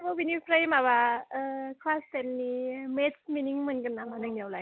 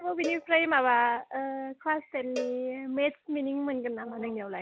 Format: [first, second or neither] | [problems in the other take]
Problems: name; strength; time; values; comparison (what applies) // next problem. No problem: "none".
first | background sound (Cowbell); 16 dB below the speech